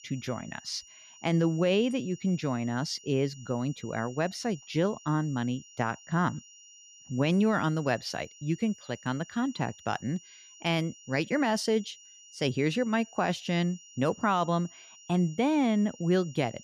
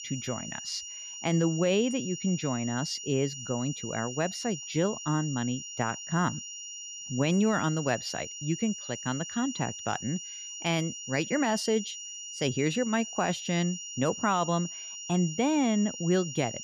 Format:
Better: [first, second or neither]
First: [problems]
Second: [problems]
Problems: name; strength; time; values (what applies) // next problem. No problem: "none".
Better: first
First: high-pitched whine; faint; throughout; 3 kHz, 20 dB below the speech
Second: high-pitched whine; loud; throughout; 3 kHz, 8 dB below the speech